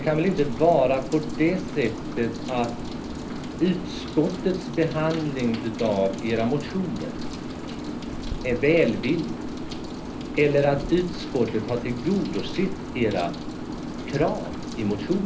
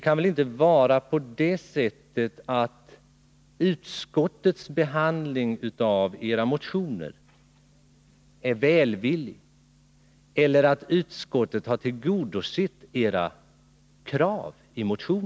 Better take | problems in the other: second | background sound (Rain); 7 dB below the speech // room echo; dies away in 0.3 s

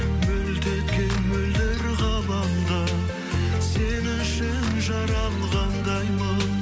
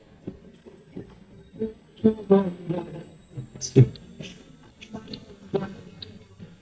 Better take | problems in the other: first | noise reduction (neural mask model DeepFilterNet 3)

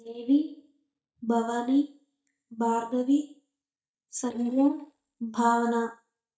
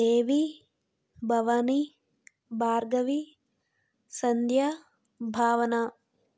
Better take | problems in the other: second | noise reduction (neural mask model DeepFilterNet 3)

